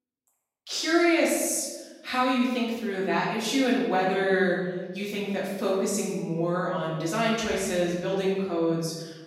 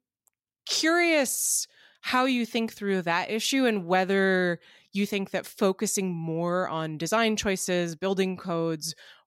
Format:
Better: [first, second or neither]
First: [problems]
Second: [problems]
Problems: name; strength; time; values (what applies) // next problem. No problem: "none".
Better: second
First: room echo; noticeable; dies away in 1.1 s // off-mic speech; far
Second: none